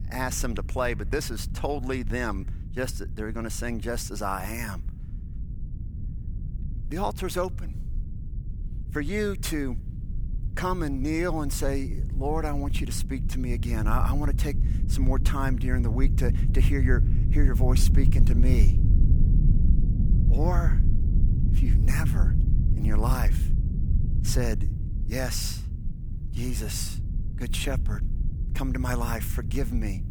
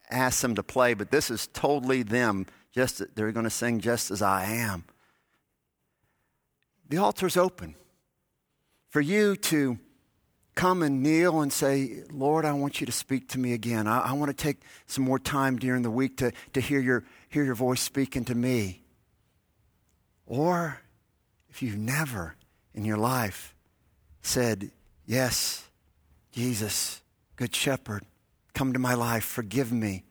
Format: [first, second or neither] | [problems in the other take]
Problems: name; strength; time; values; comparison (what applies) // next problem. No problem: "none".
second | low rumble; noticeable; throughout; 10 dB below the speech